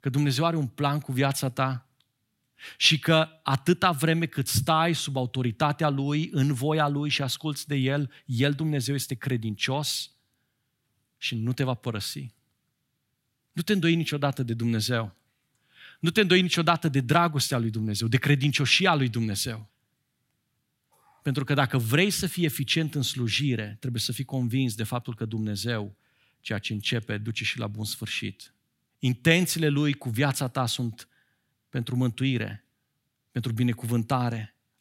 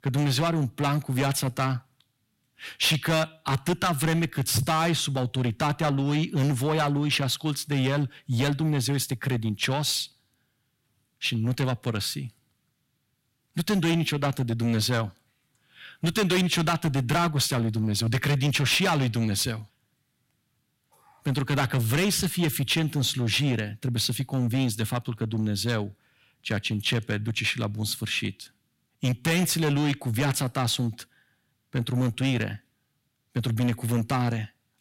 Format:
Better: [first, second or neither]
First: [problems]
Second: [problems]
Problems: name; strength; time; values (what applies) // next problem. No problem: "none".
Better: first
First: none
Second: distortion; heavy; 10% of the sound clipped